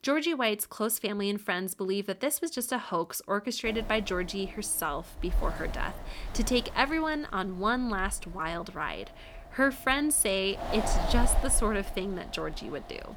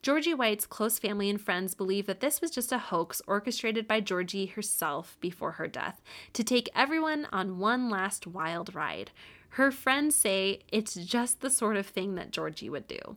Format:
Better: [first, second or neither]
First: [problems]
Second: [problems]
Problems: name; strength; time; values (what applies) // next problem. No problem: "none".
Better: second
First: wind noise on the microphone; occasional gusts; from 3.5 s on; 10 dB below the speech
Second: none